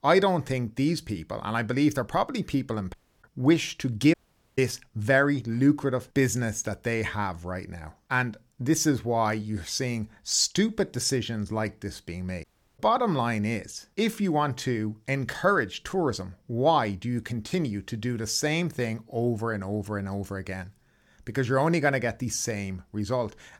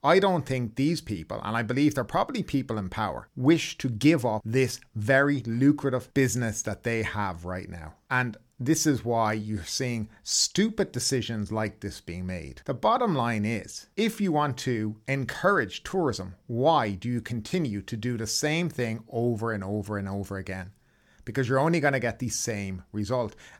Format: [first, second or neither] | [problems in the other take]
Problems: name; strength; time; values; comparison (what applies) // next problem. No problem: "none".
second | audio cutting out; at 3 s, at 4 s and at 12 s